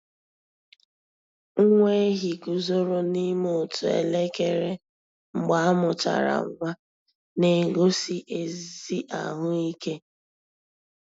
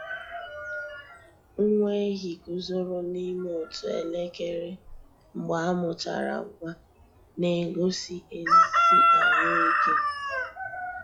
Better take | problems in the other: first | noise reduction (classical method log-MMSE)

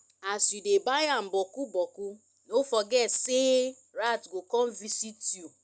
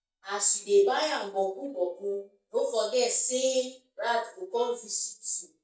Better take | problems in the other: first | noise reduction (neural mask model DeepFilterNet 3)

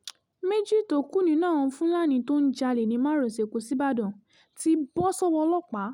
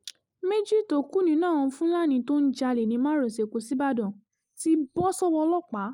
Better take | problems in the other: first | noise reduction (neural mask model Resemble Enhance denoiser)

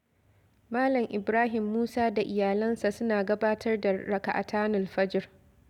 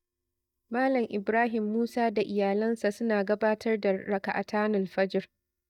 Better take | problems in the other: first | noise reduction (neural mask model DeepFilterNet 3)

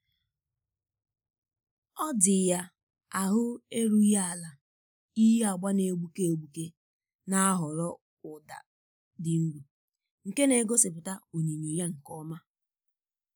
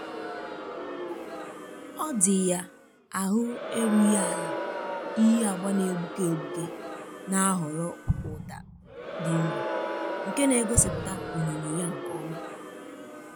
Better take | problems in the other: first | background sound (Crowd + Explosion); 5 dB below the speech

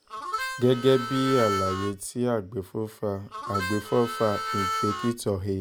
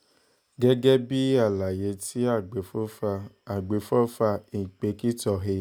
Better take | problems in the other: second | background sound (Harmonica); 5 dB below the speech

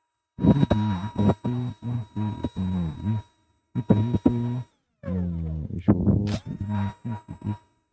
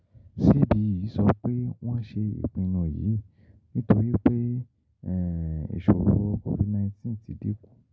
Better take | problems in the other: second | noise reduction (neural mask model RNNoise)

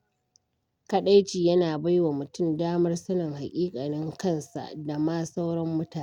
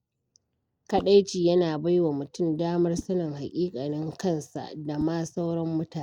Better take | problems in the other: first | noise reduction (neural mask model Resemble Enhance denoiser)

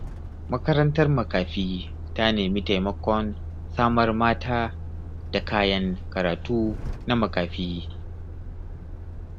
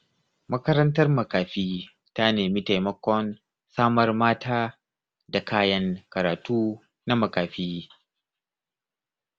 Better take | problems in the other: second | background sound (Truck); 8 dB below the speech

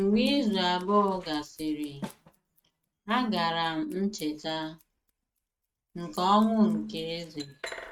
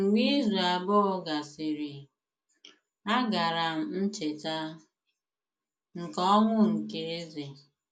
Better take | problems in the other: second | noise reduction (neural mask model RNNoise)

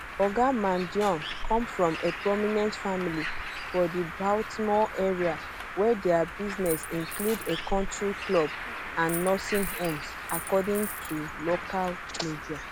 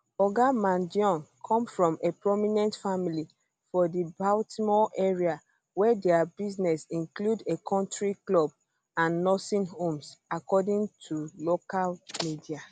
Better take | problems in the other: second | background sound (Bird + Coin (dropping)); 7 dB below the speech

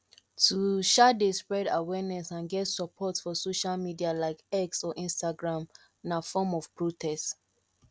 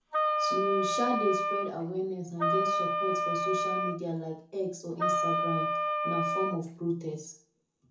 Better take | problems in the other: first | background sound (Wind instrument, woodwind instrument); 4 dB above the speech // room echo; dies away in 0.6 s

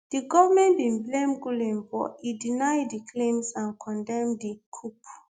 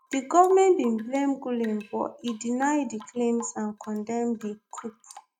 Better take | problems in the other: first | noise reduction (neural mask model RNNoise)

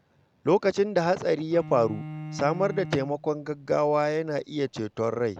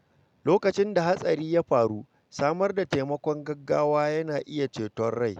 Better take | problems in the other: second | background sound (Bowed string instrument); 14 dB below the speech

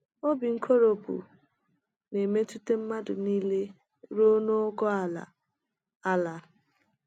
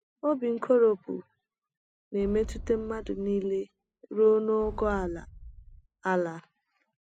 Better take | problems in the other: first | noise reduction (classical method spectral subtraction)

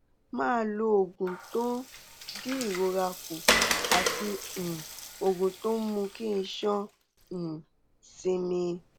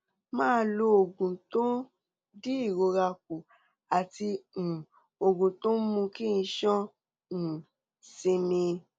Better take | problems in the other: second | background sound (Water); 4 dB below the speech

